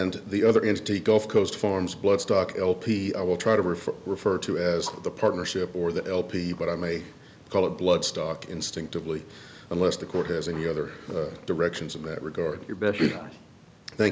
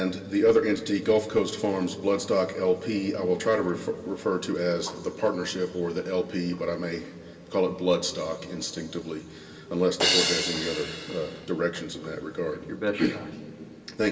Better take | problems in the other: first | background sound (Crash cymbal); 1 dB below the speech // room echo; dies away in 2.5 s

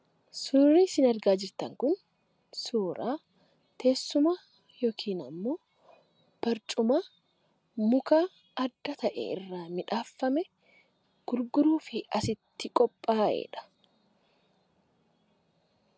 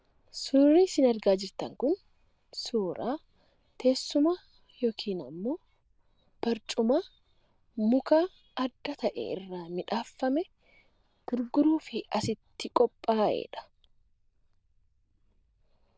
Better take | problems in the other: first | noise reduction (neural diffusion model UNIVERSE++)

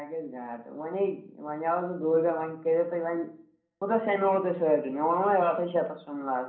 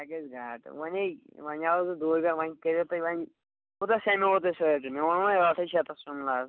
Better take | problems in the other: second | room echo; dies away in 0.6 s

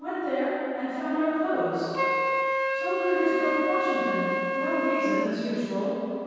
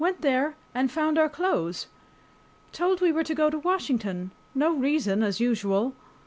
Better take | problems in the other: second | background sound (Wind instrument, woodwind instrument); 2 dB below the speech // room echo; dies away in 2.2 s

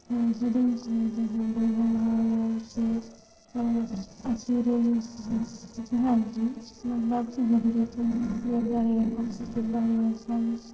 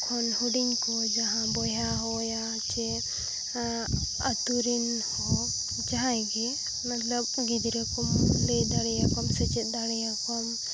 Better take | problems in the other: second | noise reduction (neural separator model SepFormer DNS4)

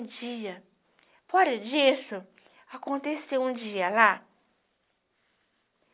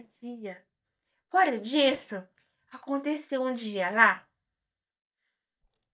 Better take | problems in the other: first | noise reduction (neural mask model DeepFilterNet 3)

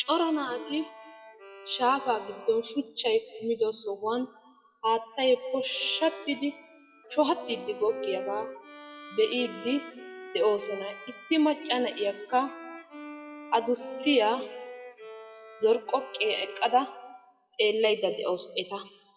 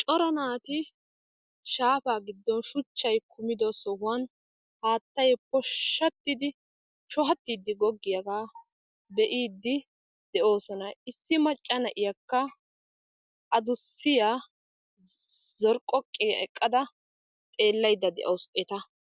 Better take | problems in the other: second | noise reduction (classical method WPE with log-MMSE)

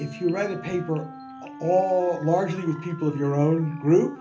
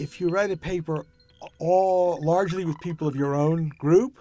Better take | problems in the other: second | background sound (Wind instrument, woodwind instrument); 16 dB below the speech // room echo; dies away in 0.3 s

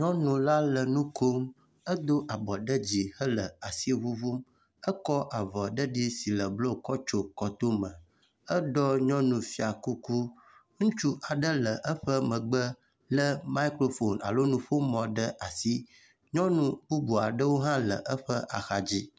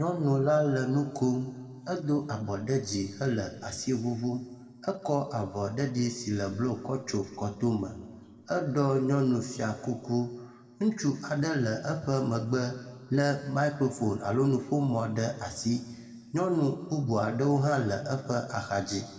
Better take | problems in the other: first | room echo; dies away in 1.6 s

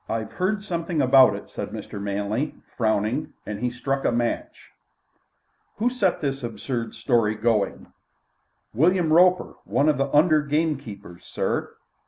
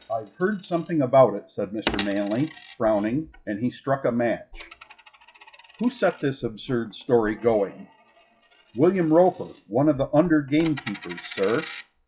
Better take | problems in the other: first | noise reduction (classical method WPE with log-MMSE)

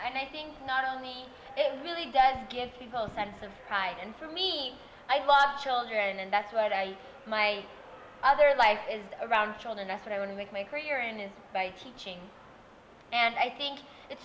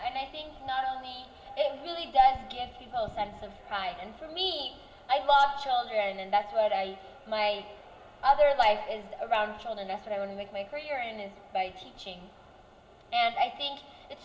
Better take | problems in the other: first | room echo; dies away in 2.8 s

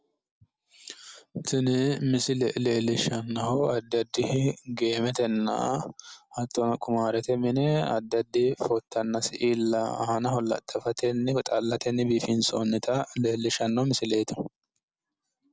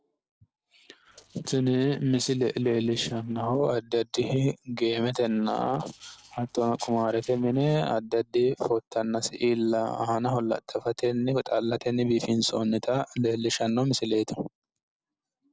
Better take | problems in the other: first | noise reduction (neural separator model SepFormer DNS4)

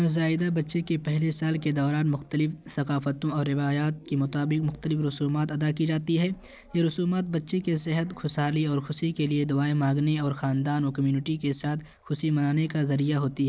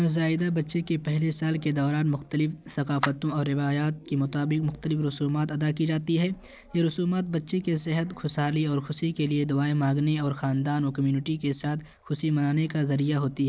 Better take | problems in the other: first | background sound (Clapping); 11 dB below the speech

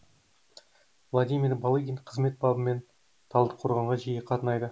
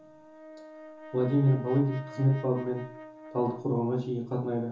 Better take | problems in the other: first | background sound (Brass instrument); 17 dB below the speech // room echo; dies away in 0.9 s

